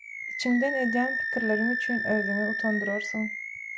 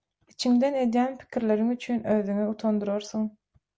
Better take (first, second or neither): second